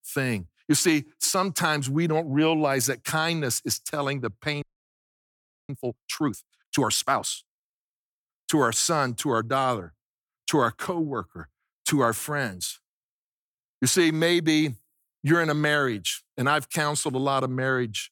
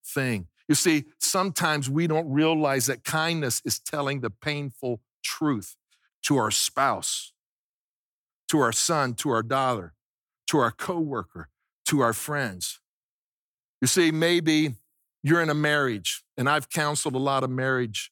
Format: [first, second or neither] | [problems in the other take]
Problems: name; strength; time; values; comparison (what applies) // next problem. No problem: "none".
second | audio freezing; at 4.5 s for 1 s